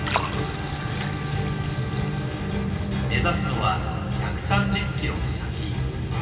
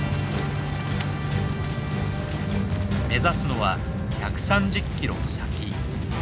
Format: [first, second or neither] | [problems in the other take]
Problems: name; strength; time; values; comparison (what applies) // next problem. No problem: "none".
second | background sound (Liquid); 14 dB below the speech // room echo; dies away in 2.6 s